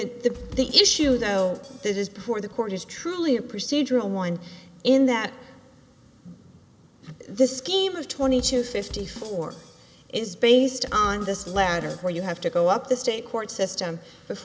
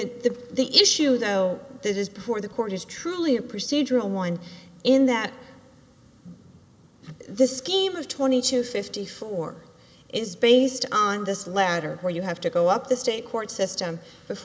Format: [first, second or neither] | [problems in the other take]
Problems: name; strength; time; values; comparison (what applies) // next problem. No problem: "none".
second | background sound (Bass drum / Snare drum); 17 dB below the speech